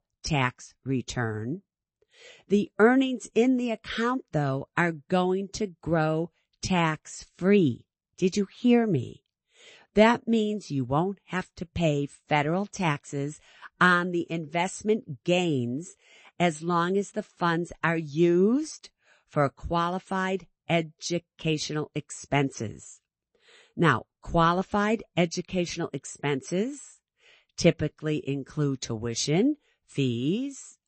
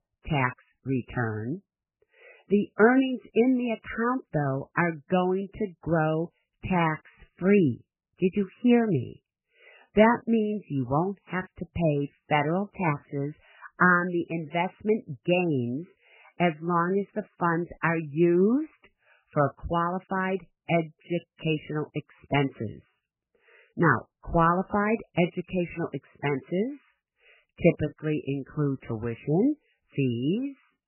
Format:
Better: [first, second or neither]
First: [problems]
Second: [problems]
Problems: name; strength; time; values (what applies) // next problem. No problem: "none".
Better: first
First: garbled, watery; slightly; nothing above 8 kHz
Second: garbled, watery; badly; nothing above 3 kHz